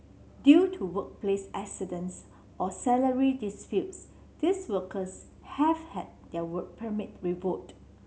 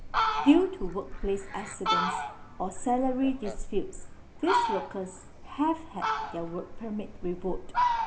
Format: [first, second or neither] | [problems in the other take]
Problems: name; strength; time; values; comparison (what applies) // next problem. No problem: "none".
first | background sound (Fowl); 1 dB below the speech